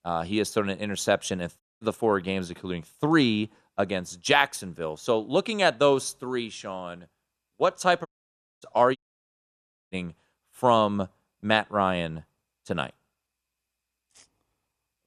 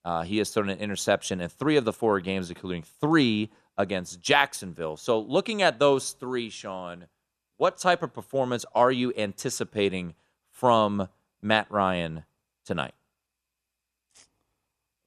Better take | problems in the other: second | audio cutting out; at 1.5 s, at 8 s for 0.5 s and at 9 s for 1 s

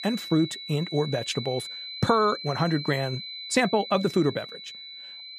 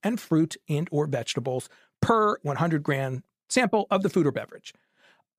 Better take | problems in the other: second | high-pitched whine; loud; throughout; 4 kHz, 10 dB below the speech

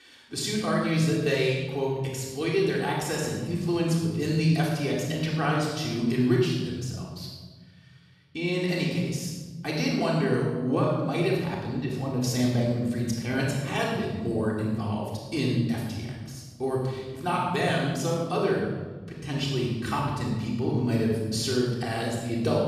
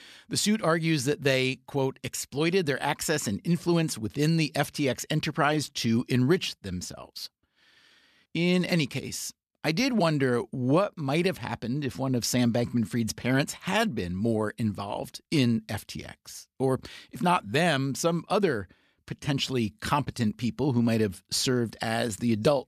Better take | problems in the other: second | off-mic speech; far // room echo; strong; dies away in 1.5 s

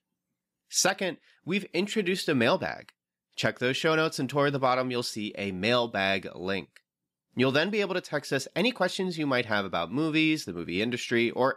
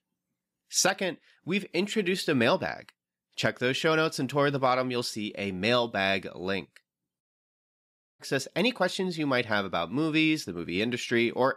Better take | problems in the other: first | audio cutting out; at 7 s for 1 s

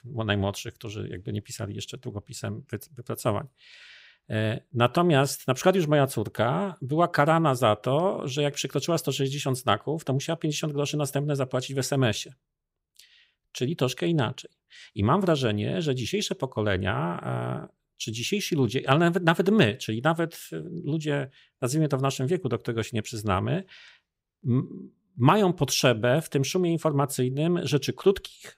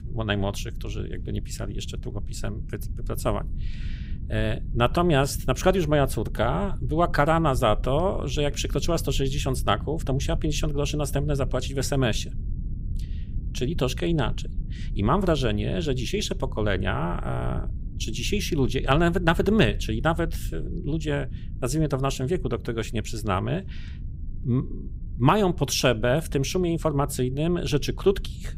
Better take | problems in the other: first | low rumble; faint; throughout; 25 dB below the speech

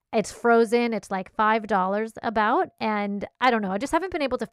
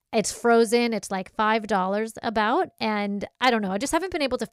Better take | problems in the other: second | muffled; slightly; fading above 3.5 kHz

